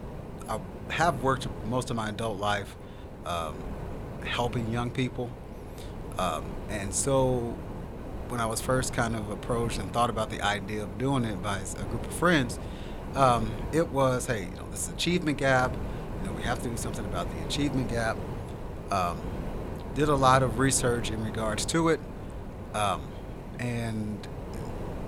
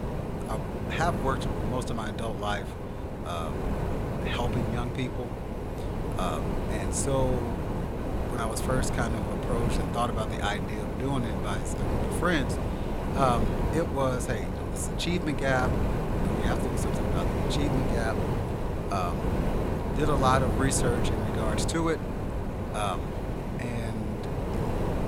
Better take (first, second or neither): first